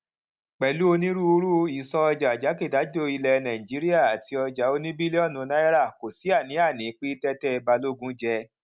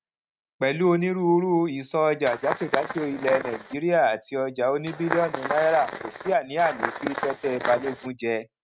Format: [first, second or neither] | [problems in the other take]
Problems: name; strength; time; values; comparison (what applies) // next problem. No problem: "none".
first | noise reduction (neural mask model RNNoise)